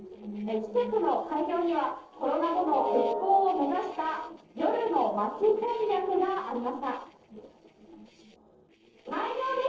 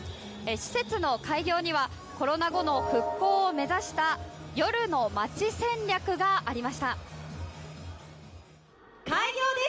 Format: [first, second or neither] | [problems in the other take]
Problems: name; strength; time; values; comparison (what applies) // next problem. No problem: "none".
second | noise reduction (neural separator model SepFormer DNS4)